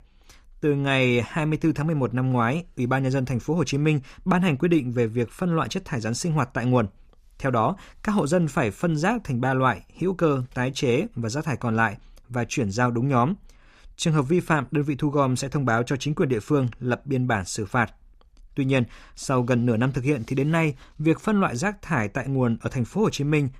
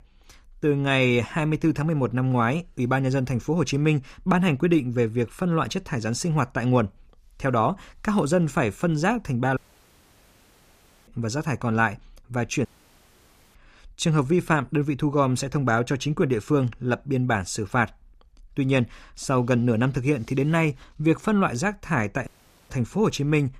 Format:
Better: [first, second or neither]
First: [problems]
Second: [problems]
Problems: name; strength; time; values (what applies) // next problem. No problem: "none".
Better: first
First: none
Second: audio cutting out; at 9.5 s for 1.5 s, at 13 s for 1 s and at 22 s